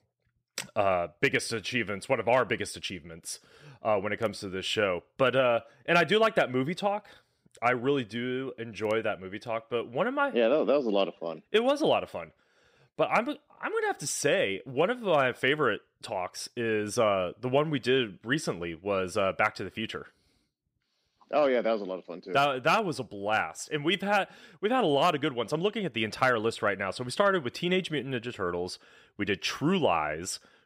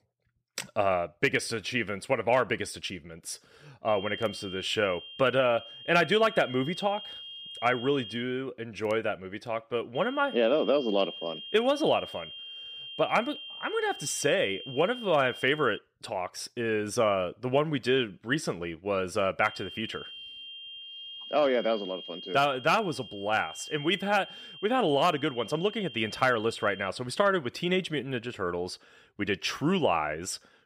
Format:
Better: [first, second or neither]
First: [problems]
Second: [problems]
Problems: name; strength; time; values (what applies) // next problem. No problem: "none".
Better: first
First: none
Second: high-pitched whine; noticeable; from 4 to 8 s, from 10 to 16 s and from 19 to 27 s; 3 kHz, 10 dB below the speech